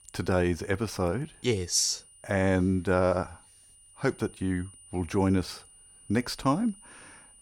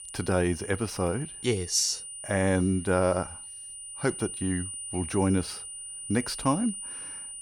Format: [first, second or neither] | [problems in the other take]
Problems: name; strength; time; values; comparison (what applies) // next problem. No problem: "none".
first | high-pitched whine; loud; throughout; 9.5 kHz, 9 dB below the speech; faint in the first